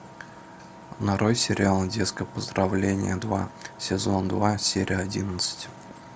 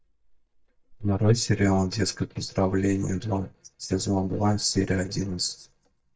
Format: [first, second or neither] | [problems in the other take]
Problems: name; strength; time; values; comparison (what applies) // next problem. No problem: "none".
first | noise reduction (neural mask model DeepFilterNet 3)